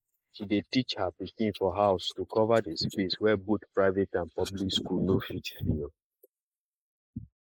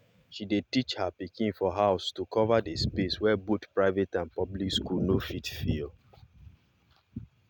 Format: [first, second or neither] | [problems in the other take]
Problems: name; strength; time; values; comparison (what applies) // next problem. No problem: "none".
second | noise reduction (neural mask model Resemble Enhance denoiser)